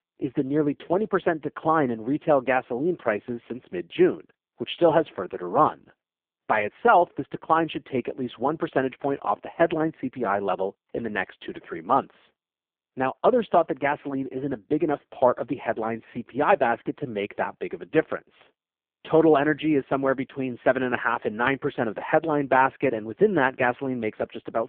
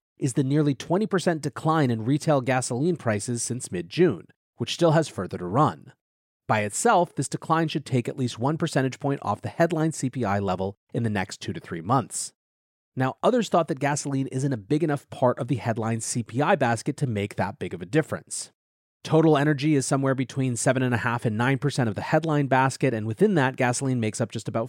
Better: second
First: phone-call audio; poor line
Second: none

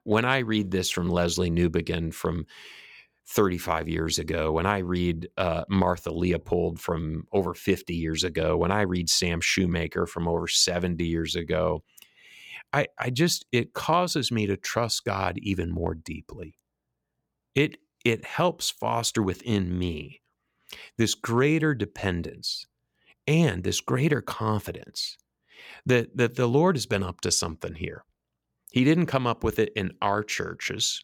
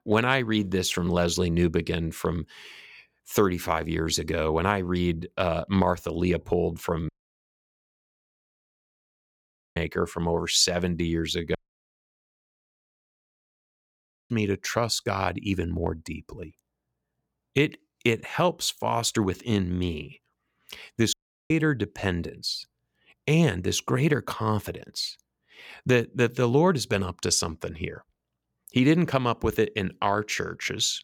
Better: first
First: none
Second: audio cutting out; at 7 s for 2.5 s, at 12 s for 3 s and at 21 s

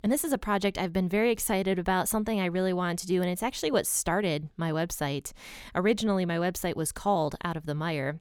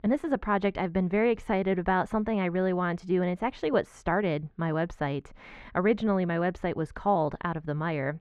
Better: first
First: none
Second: muffled; very; fading above 2 kHz

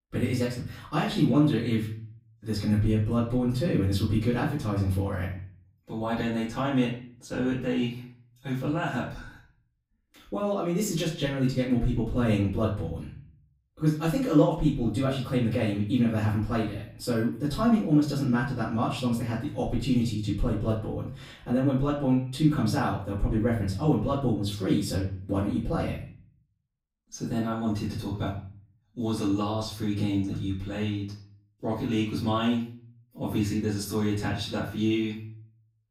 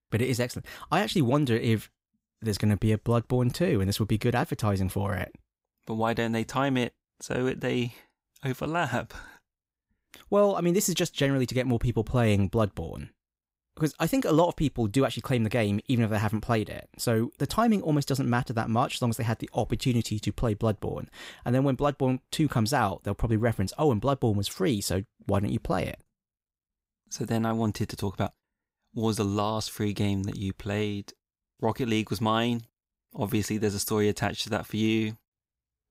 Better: second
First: off-mic speech; far // room echo; noticeable; dies away in 0.5 s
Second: none

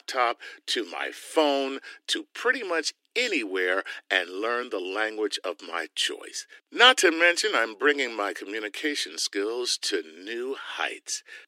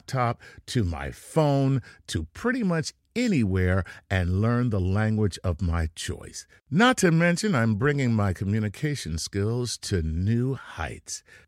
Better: second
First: thin; very; fading below 300 Hz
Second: none

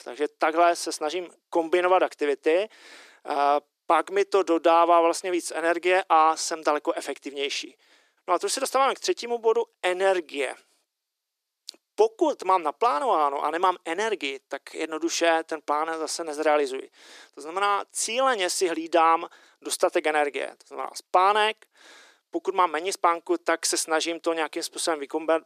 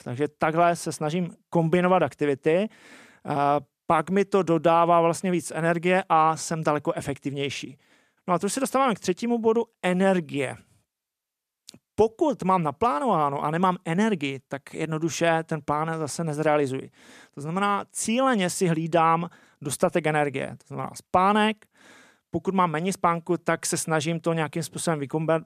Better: second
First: thin; very; fading below 350 Hz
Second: none

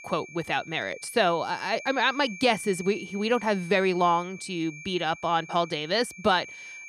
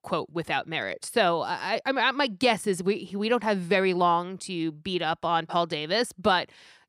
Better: second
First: high-pitched whine; noticeable; throughout; 2.5 kHz, 15 dB below the speech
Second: none

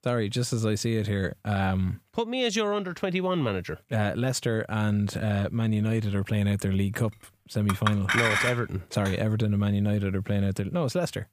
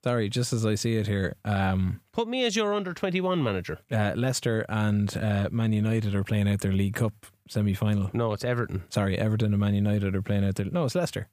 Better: second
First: clattering dishes; loud; from 7.5 to 9 s; peak 5 dB above the speech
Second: none

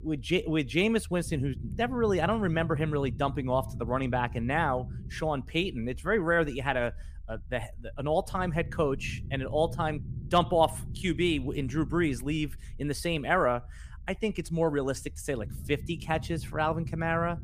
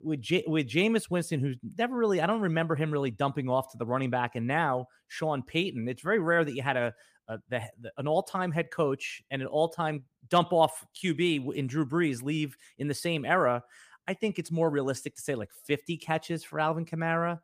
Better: second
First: low rumble; faint; throughout; 20 dB below the speech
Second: none

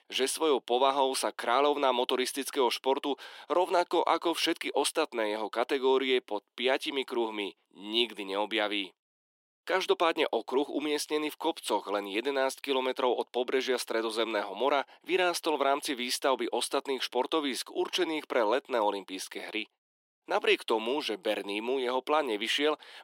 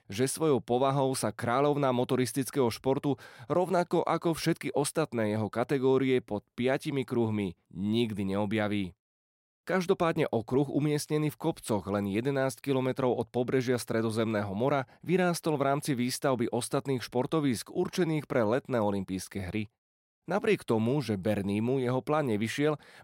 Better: second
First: thin; somewhat; fading below 300 Hz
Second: none

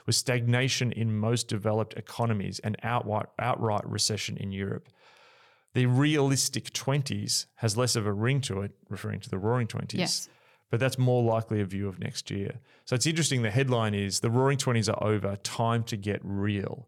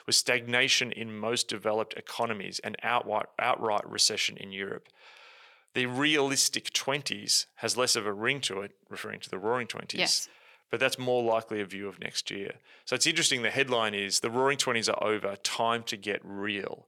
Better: first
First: none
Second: thin; somewhat; fading below 350 Hz

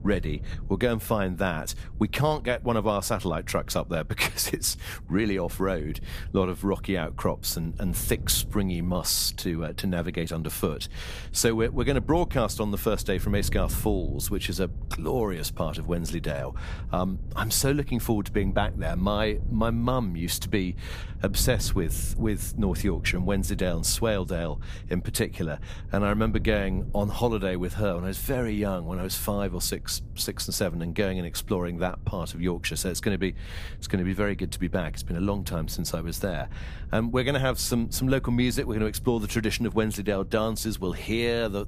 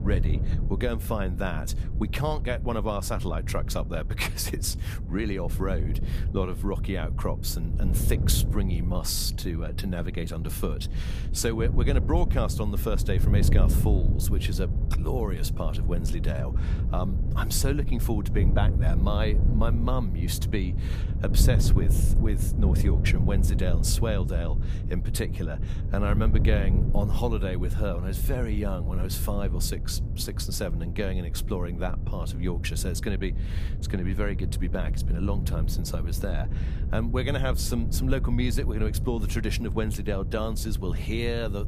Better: first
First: wind noise on the microphone; occasional gusts; 20 dB below the speech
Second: wind noise on the microphone; heavy; 9 dB below the speech

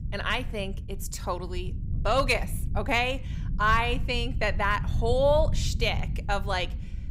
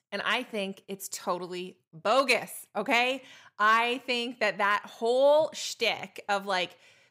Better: second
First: low rumble; faint; throughout; 20 dB below the speech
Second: none

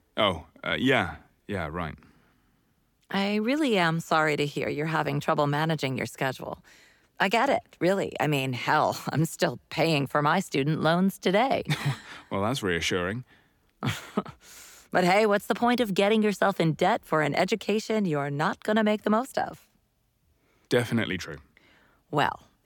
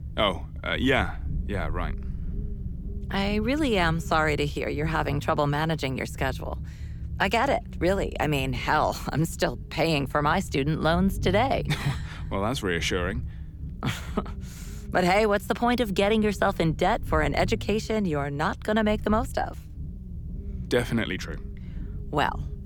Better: first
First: none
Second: low rumble; faint; throughout; 25 dB below the speech

